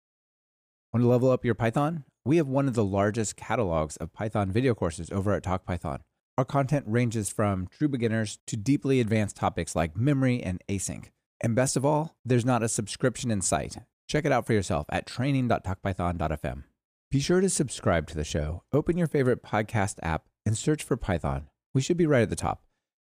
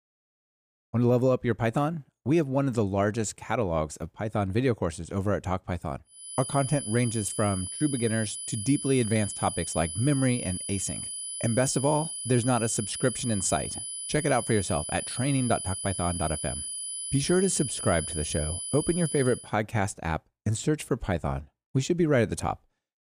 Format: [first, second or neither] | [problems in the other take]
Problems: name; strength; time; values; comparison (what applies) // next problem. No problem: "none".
first | high-pitched whine; loud; from 6 to 19 s; 10 kHz, 5 dB below the speech